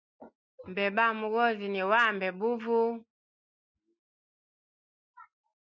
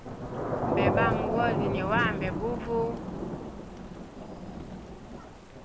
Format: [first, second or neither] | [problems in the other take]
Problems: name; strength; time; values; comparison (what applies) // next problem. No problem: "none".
first | background sound (Thunder / Rain); 2 dB above the speech